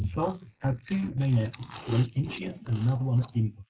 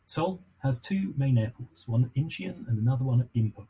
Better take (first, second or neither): second